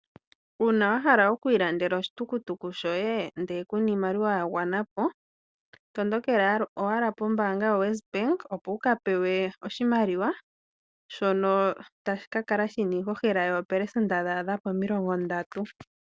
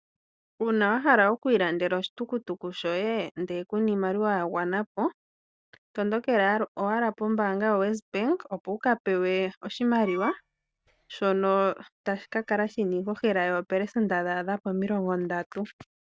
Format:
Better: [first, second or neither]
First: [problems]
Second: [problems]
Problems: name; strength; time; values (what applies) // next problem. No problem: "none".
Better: first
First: none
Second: noise reduction (neural mask model DeepFilterNet 3)